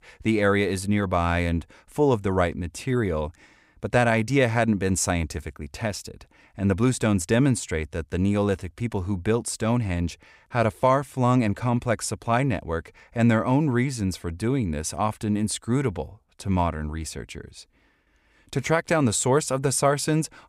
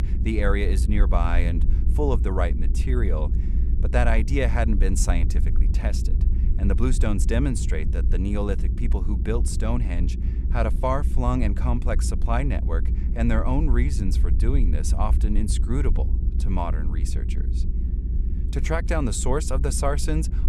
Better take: first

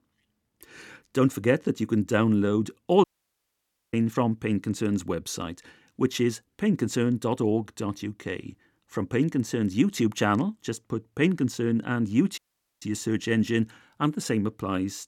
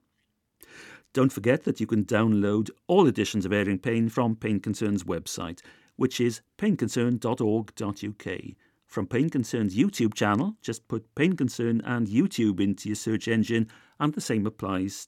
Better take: second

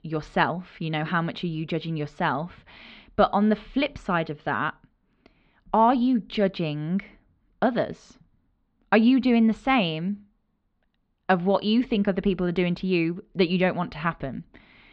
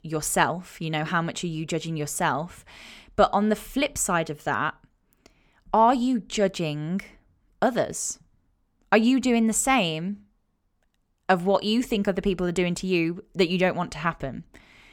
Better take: second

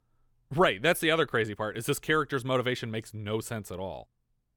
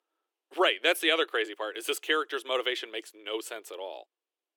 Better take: first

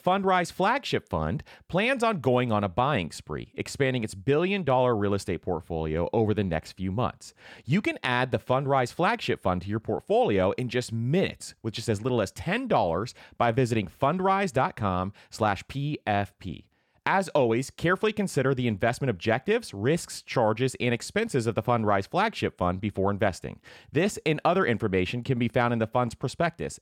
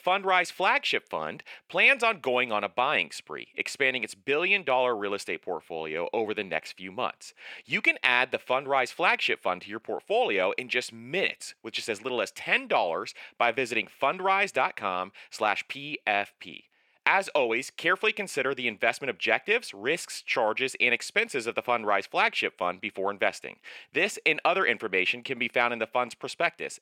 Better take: first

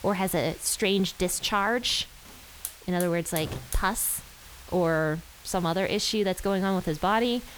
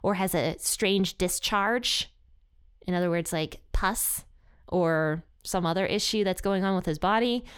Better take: second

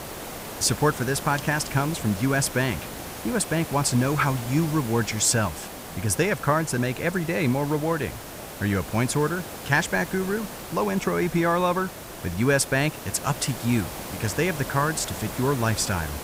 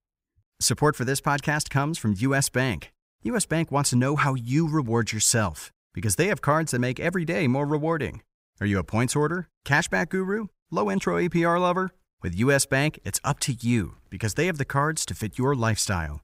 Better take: second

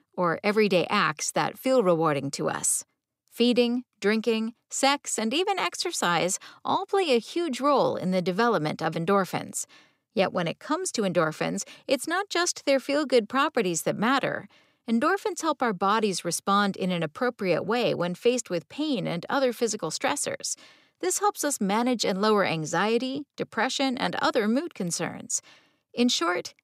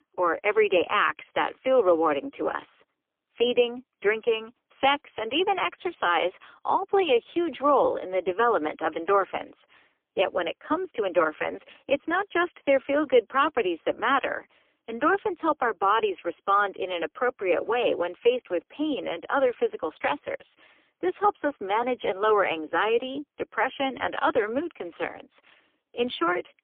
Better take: first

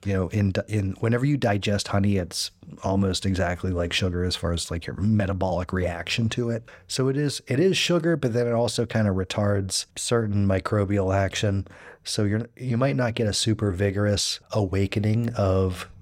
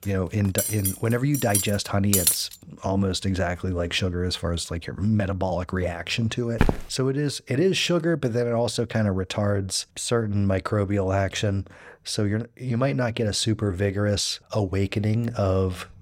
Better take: first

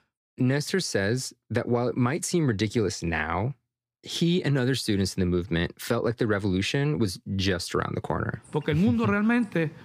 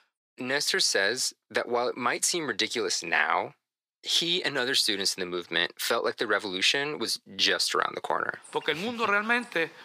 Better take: first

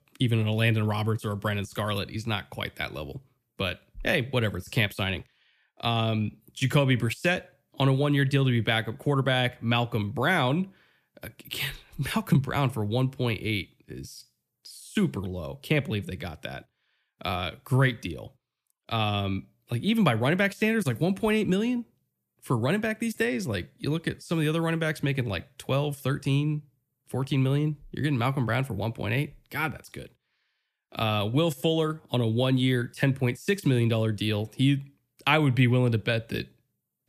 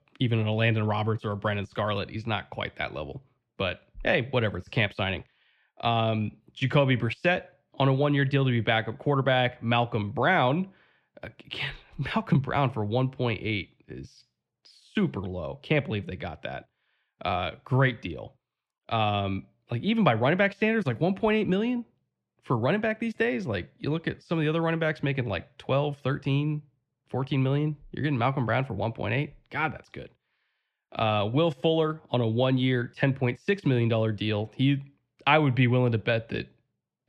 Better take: first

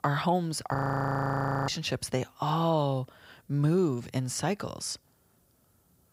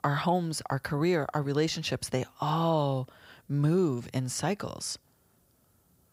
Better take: second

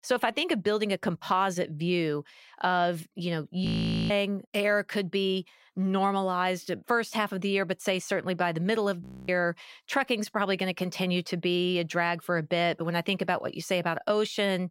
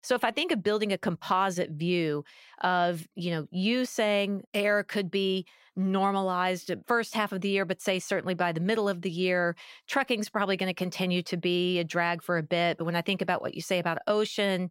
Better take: second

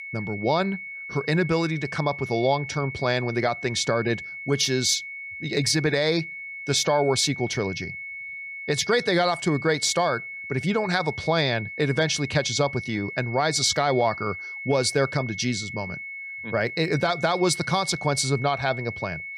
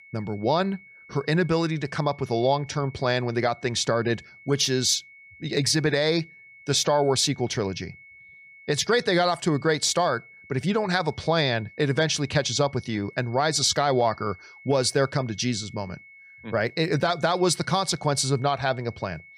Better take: second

